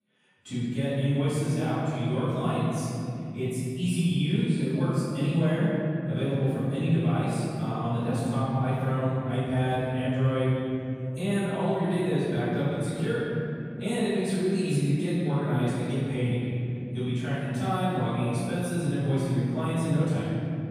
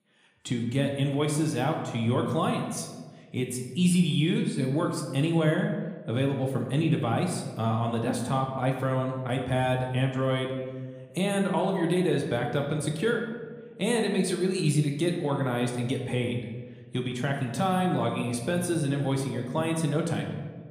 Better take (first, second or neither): second